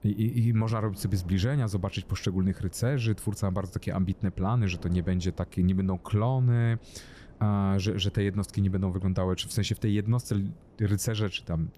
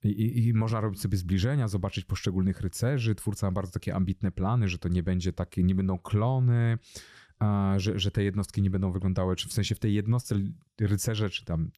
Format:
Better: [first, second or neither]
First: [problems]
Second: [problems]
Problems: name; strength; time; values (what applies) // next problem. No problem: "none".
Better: second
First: wind noise on the microphone; occasional gusts; 25 dB below the speech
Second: none